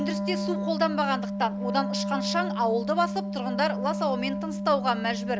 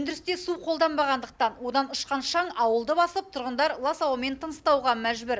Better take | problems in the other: second | background sound (Wind instrument, woodwind instrument); 2 dB below the speech

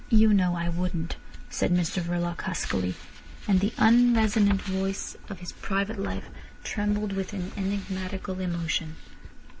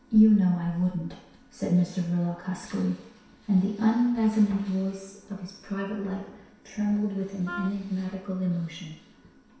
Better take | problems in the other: first | background sound (Wind instrument, woodwind instrument); 13 dB below the speech // room echo; dies away in 0.7 s

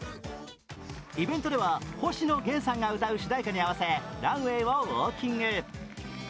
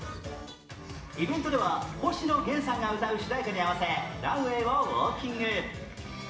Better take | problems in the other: first | room echo; dies away in 0.8 s

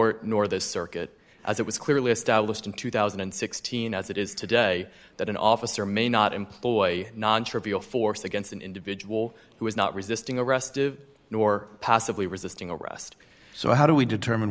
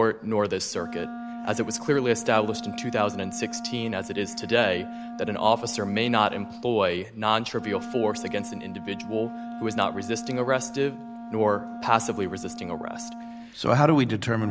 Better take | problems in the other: first | background sound (Wind instrument, woodwind instrument); 11 dB below the speech

